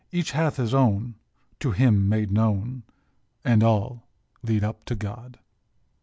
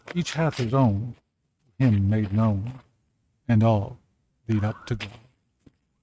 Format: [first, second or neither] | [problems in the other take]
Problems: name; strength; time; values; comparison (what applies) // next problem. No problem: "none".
first | noise reduction (neural mask model RNNoise)